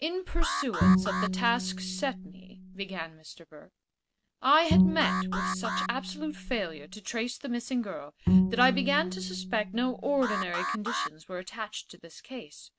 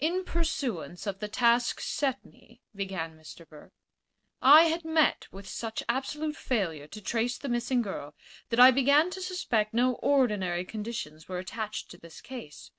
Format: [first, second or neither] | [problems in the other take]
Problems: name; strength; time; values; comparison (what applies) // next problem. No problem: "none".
second | background sound (Alarm + Bowed string instrument); 2 dB above the speech